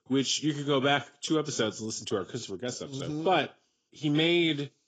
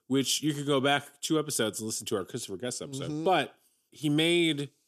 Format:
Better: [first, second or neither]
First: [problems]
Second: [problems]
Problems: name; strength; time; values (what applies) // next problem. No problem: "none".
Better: second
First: garbled, watery; badly; nothing above 7.5 kHz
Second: none